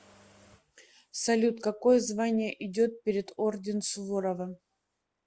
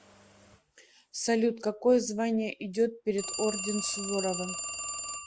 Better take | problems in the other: first | background sound (Telephone); 8 dB below the speech

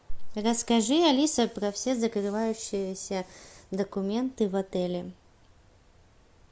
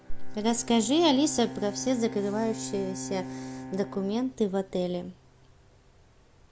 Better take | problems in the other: first | background sound (Bowed string instrument); 13 dB below the speech

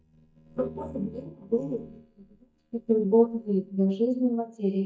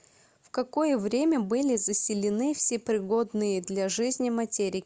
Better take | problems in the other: second | noise reduction (neural mask model DeepFilterNet 3)

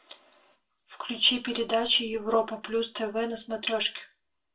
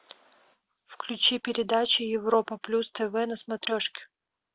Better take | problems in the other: second | room echo; dies away in 0.2 s

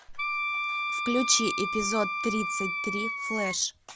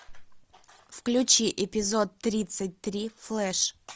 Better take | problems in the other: second | background sound (Wind instrument, woodwind instrument); 1 dB below the speech

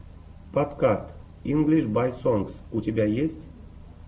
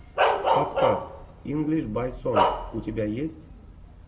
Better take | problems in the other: first | background sound (Bark); 3 dB above the speech

